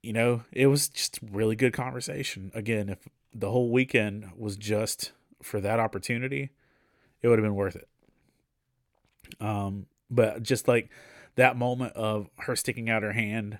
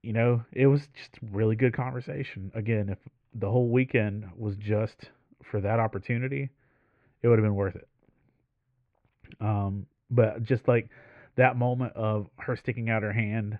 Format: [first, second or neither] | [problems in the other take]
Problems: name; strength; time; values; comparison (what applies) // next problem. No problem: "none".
first | muffled; very; fading above 2 kHz